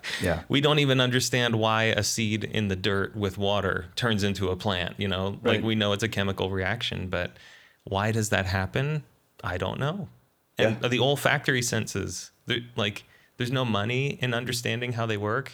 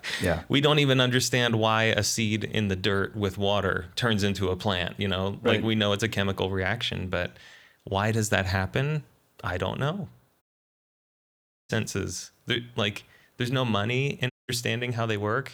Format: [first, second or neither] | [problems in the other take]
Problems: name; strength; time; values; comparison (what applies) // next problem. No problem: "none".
first | audio cutting out; at 10 s for 1.5 s and at 14 s